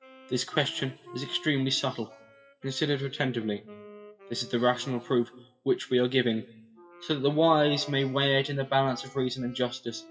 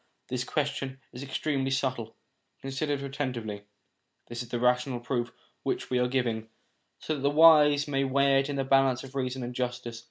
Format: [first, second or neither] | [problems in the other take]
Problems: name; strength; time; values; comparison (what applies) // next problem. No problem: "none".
second | noise reduction (classical method WPE with log-MMSE)